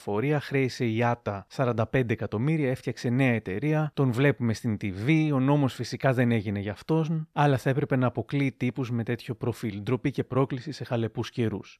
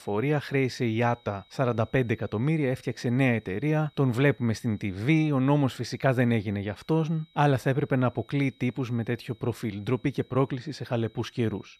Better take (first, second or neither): first